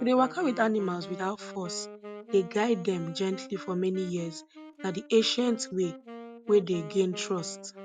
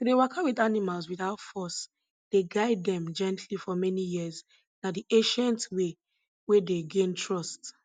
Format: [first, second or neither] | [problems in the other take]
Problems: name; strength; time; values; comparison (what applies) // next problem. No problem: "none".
second | background sound (Wind instrument, woodwind instrument); 15 dB below the speech